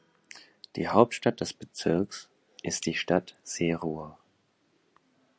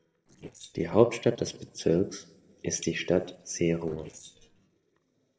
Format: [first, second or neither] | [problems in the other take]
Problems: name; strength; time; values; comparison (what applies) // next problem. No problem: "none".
first | noise reduction (neural separator model SepFormer DNS4)